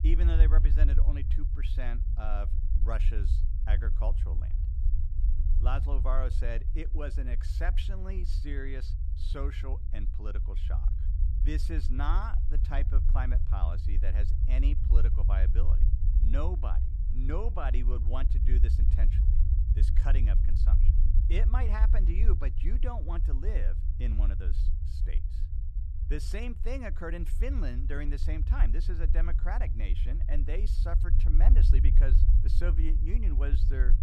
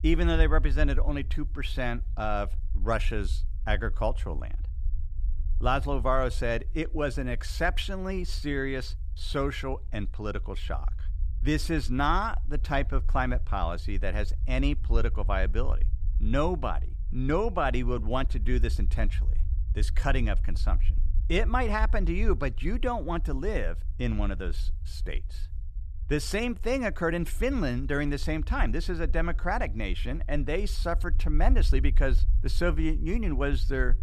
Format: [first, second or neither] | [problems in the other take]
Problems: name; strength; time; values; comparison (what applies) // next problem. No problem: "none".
second | low rumble; loud; throughout; 7 dB below the speech; faint in the second